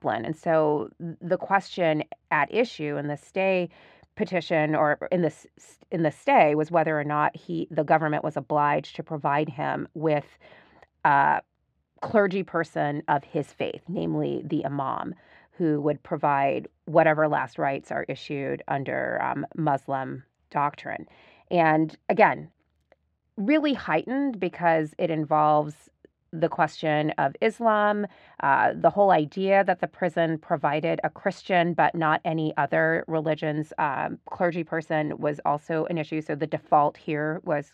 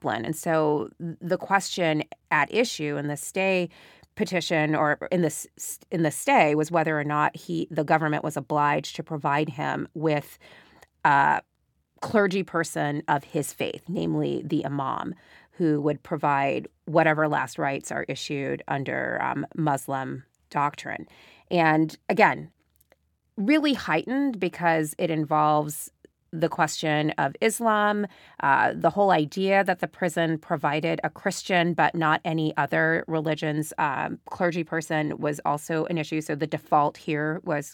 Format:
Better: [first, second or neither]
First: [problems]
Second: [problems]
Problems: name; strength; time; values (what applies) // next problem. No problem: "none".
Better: second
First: muffled; slightly; fading above 3 kHz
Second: none